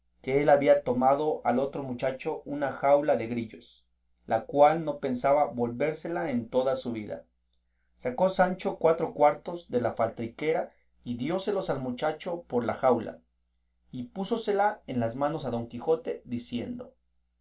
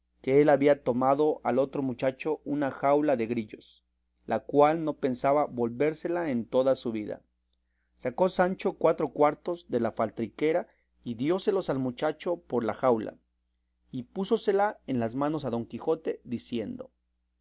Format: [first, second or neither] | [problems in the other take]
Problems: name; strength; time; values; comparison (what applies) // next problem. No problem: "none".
second | room echo; dies away in 0.2 s